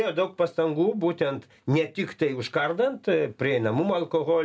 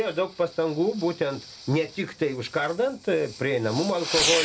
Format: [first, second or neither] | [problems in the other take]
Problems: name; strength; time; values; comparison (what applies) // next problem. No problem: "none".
first | background sound (Fireworks); 7 dB below the speech